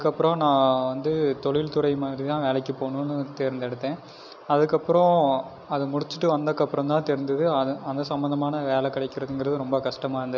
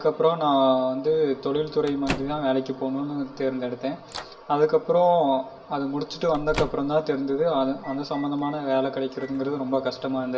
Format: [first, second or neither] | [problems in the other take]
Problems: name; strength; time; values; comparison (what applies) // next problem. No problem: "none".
first | background sound (Microwave oven); 17 dB below the speech // room echo; dies away in 0.4 s